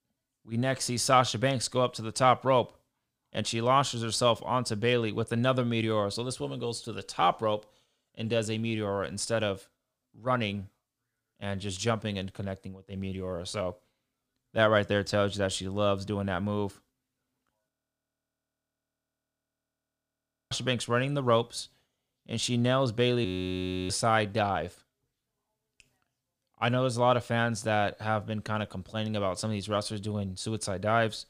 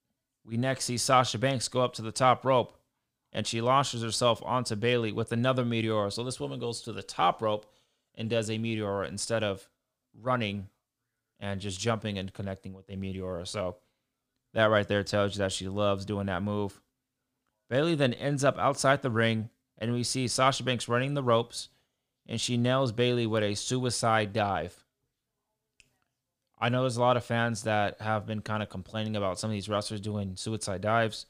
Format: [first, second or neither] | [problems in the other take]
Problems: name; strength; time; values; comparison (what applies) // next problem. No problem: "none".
second | audio freezing; at 18 s for 3 s and at 23 s for 0.5 s